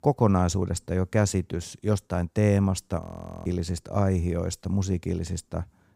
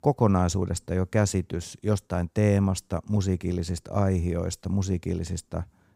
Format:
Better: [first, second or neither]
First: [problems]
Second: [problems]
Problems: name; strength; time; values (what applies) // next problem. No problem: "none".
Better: second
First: audio freezing; at 3 s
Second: none